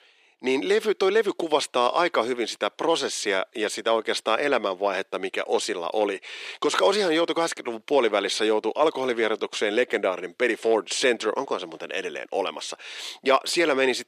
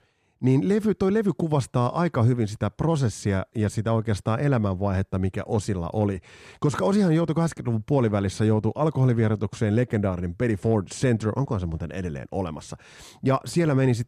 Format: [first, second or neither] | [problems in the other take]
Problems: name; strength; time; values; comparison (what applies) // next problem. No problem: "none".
second | thin; very; fading below 350 Hz